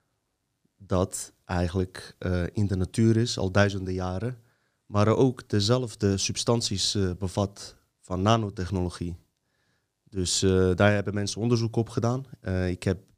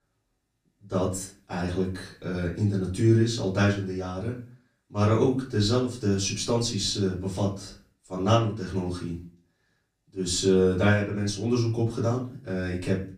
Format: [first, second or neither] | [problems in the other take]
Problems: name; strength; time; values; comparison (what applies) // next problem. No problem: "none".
first | room echo; slight; dies away in 0.3 s // off-mic speech; far